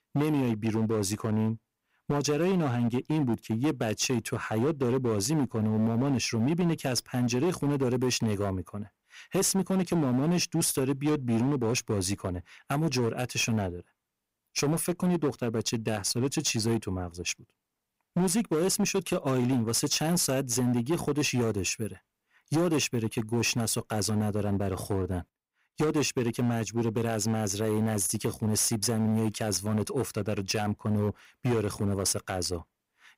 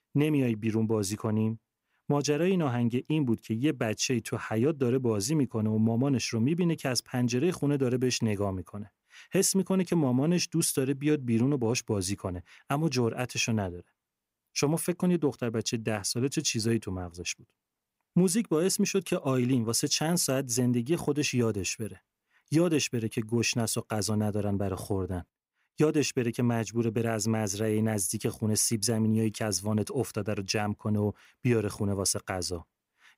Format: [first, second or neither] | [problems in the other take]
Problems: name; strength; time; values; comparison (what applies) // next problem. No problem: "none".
second | distortion; slight; 12% of the sound clipped